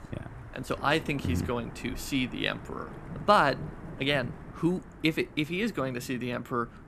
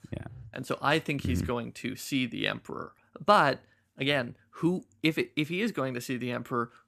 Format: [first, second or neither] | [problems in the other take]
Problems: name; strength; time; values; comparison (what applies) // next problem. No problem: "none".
second | wind noise on the microphone; occasional gusts; 20 dB below the speech